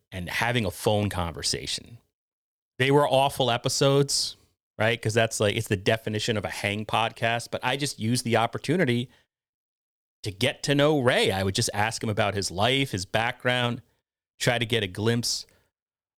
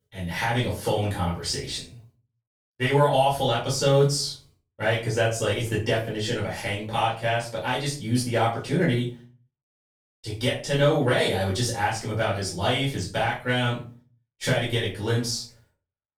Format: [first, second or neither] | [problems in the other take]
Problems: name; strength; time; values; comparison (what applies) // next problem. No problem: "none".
first | off-mic speech; far // room echo; noticeable; dies away in 0.3 s